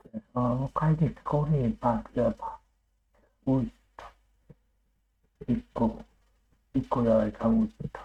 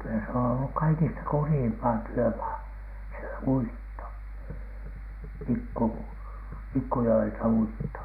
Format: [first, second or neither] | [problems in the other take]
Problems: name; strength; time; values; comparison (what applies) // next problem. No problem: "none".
second | noise reduction (neural mask model RNNoise)